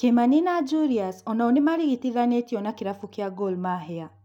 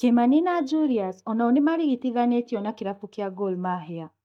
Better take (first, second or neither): first